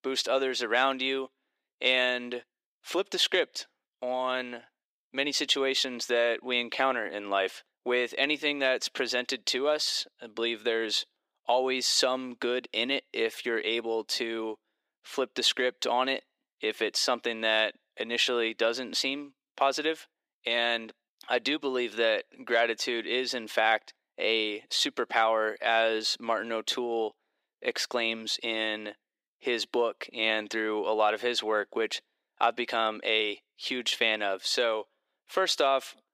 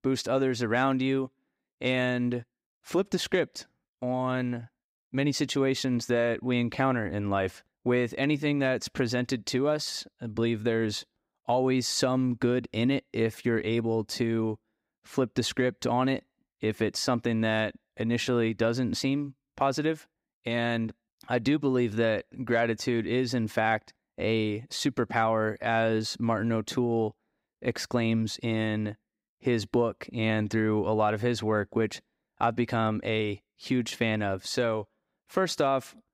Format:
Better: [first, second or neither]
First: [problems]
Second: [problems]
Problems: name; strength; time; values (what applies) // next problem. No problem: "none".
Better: second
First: thin; somewhat; fading below 400 Hz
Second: none